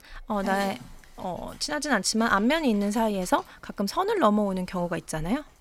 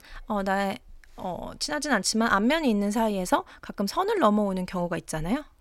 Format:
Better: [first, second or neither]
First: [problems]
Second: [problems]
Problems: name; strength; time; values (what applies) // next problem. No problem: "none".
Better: second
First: dog barking; noticeable; peak 10 dB below the speech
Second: none